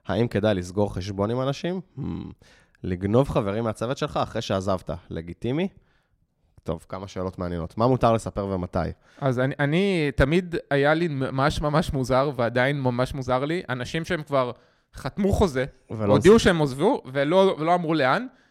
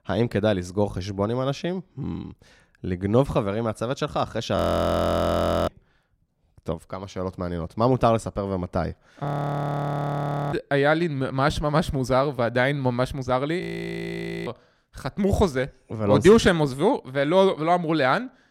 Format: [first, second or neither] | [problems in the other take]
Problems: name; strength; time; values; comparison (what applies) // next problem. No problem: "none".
first | audio freezing; at 4.5 s for 1 s, at 9.5 s for 1.5 s and at 14 s for 1 s